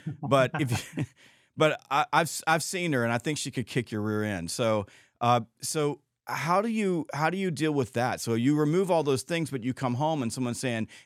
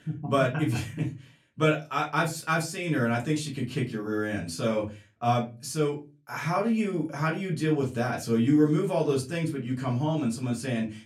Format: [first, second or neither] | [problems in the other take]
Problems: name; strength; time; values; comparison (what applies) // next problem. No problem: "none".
first | off-mic speech; far // room echo; very slight; dies away in 0.2 s